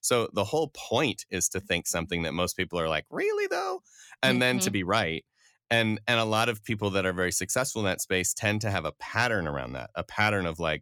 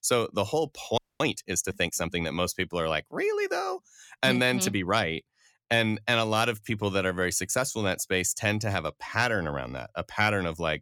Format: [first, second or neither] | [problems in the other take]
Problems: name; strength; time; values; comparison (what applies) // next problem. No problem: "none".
first | audio freezing; at 1 s